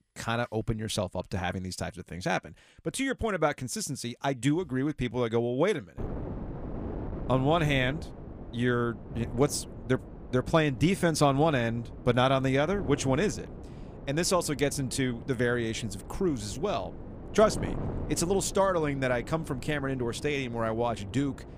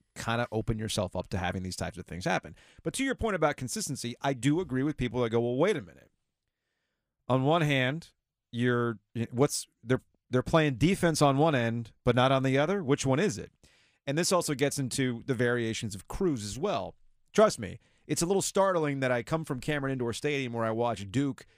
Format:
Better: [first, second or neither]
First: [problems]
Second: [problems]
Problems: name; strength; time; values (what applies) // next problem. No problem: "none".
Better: second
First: wind noise on the microphone; occasional gusts; from 6 s on; 15 dB below the speech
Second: none